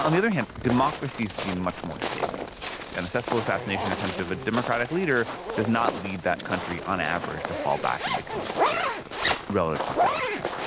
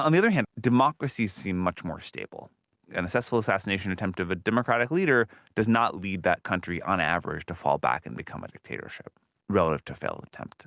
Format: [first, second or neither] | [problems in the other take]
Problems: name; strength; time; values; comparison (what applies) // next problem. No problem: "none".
second | background sound (Zipper (clothing) + Walk, footsteps); 2 dB below the speech